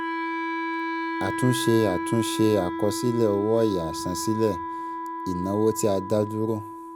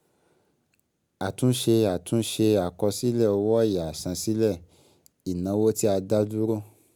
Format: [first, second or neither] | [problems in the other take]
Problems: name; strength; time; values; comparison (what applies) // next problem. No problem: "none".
second | background sound (Wind instrument, woodwind instrument); 5 dB below the speech